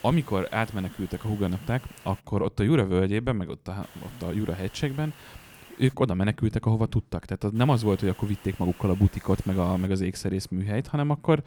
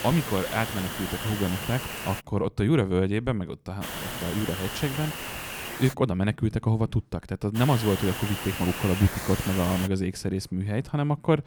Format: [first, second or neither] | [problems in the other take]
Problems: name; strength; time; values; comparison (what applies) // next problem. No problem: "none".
first | hiss; loud; until 2 s, from 4 to 6 s and from 7.5 to 10 s; 6 dB below the speech; faint in the first